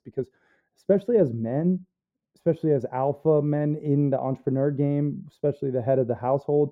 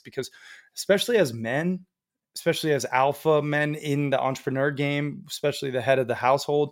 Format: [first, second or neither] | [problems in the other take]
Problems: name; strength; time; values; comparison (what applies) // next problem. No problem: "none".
second | muffled; very; fading above 1.5 kHz